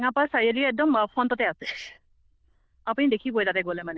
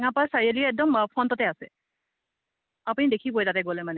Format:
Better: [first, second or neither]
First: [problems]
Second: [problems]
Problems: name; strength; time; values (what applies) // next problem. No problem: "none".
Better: second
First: noise reduction (neural diffusion model UNIVERSE++)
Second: none